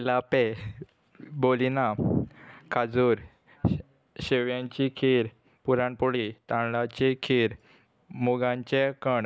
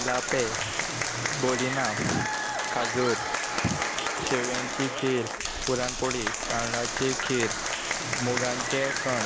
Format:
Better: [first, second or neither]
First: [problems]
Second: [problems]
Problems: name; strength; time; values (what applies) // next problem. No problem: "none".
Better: first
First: none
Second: background sound (Applause / Crowd); 1 dB above the speech